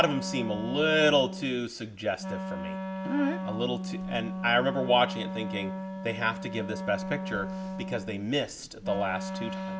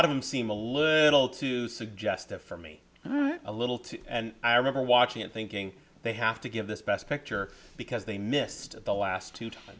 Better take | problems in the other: second | background sound (Wind instrument, woodwind instrument); 6 dB below the speech

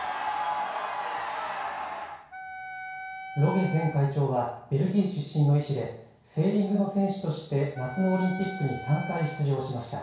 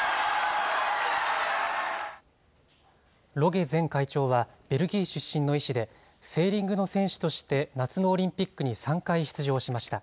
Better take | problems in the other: second | background sound (Wind instrument, woodwind instrument); 12 dB below the speech // room echo; dies away in 0.6 s

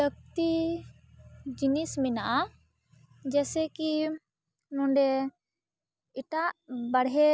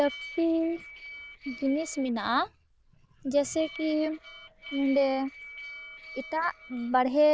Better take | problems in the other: first | noise reduction (neural diffusion model UNIVERSE++)

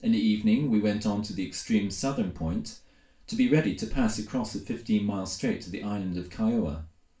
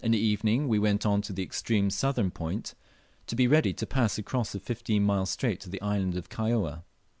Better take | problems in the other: second | room echo; dies away in 0.3 s

